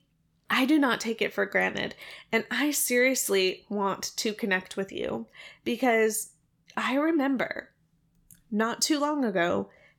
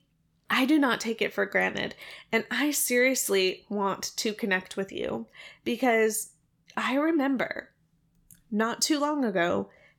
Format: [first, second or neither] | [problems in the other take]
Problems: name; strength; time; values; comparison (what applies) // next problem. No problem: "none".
neither | none